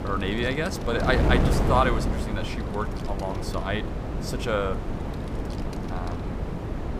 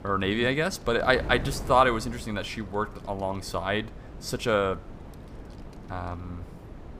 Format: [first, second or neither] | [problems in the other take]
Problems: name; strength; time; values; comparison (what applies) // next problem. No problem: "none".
second | wind noise on the microphone; heavy; 6 dB below the speech; occasional gusts in the second